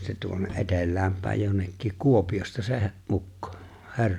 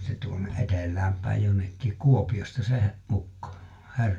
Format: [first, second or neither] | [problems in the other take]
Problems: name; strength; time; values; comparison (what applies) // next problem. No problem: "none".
first | room echo; dies away in 0.2 s